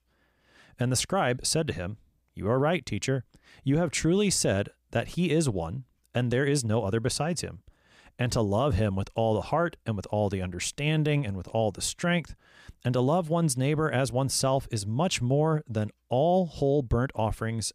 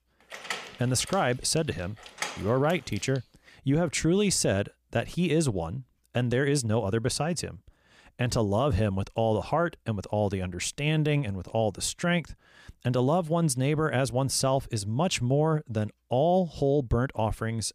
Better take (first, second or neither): first